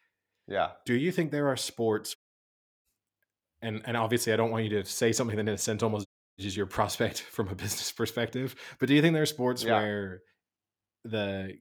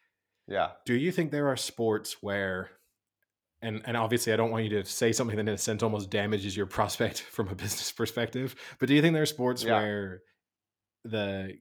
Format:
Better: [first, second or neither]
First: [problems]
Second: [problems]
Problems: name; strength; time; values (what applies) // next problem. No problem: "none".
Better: second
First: audio cutting out; at 2 s for 0.5 s and at 6 s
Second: none